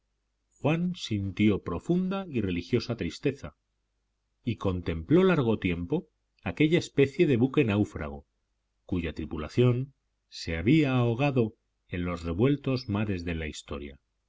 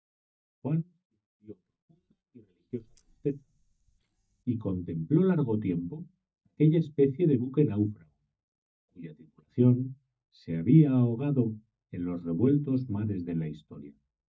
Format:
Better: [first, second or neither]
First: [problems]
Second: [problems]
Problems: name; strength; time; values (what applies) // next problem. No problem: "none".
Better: first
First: none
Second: noise reduction (neural mask model DeepFilterNet 3)